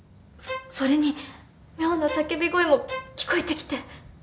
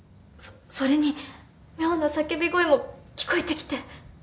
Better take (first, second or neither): second